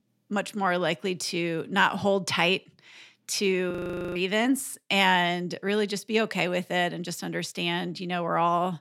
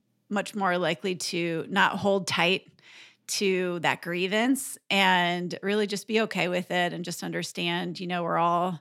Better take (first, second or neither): second